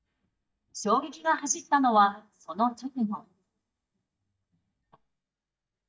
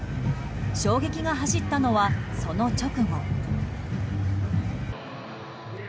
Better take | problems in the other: second | noise reduction (neural mask model DeepFilterNet 3)

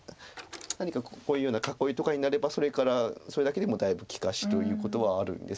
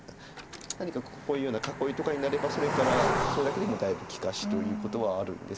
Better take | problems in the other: first | background sound (Cricket); 3 dB below the speech

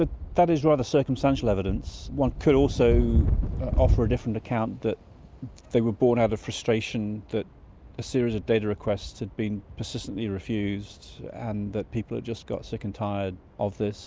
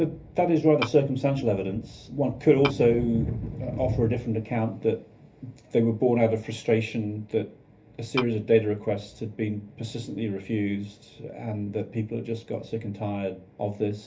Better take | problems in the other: first | background sound (Tap / Glass); 7 dB below the speech // room echo; dies away in 0.3 s

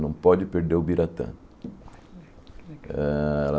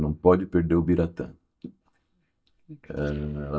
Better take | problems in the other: first | noise reduction (neural mask model DeepFilterNet 3)

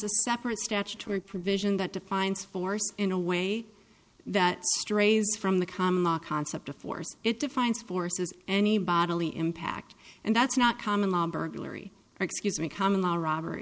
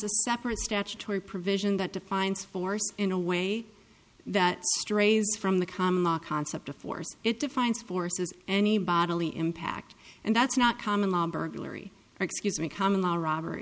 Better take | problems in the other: second | noise reduction (neural separator model SepFormer DNS4)

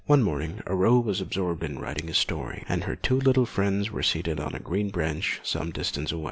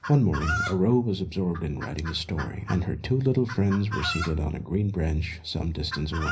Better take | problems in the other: first | background sound (Chicken, rooster); 11 dB below the speech // room echo; dies away in 0.5 s

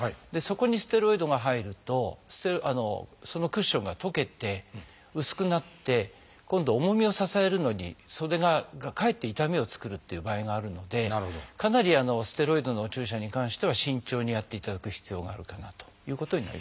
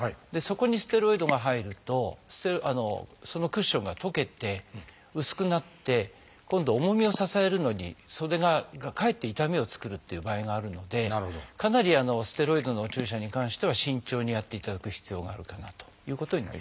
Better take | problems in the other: first | noise reduction (neural mask model Resemble Enhance denoiser)

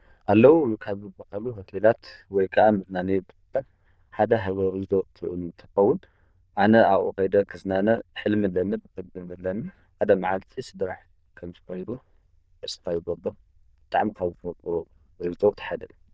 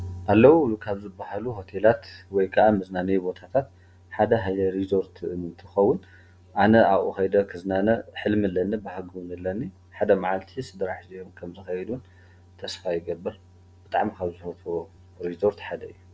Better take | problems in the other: second | noise reduction (neural diffusion model UNIVERSE++)

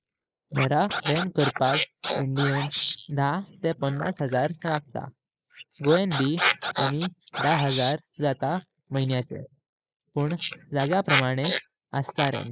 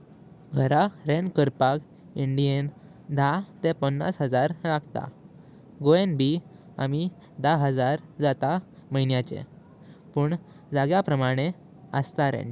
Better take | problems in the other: second | noise reduction (neural mask model Resemble Enhance denoiser)

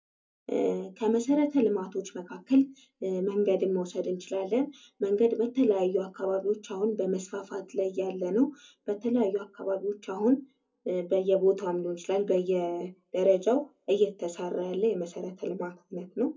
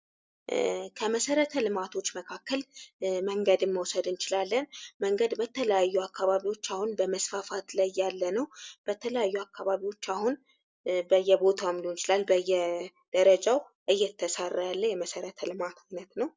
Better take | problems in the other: second | room echo; dies away in 0.3 s

